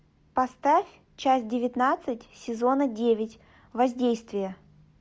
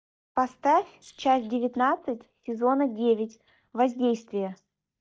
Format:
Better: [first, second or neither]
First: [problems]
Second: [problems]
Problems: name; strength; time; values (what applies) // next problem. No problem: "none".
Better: first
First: none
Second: noise reduction (neural mask model DeepFilterNet 3)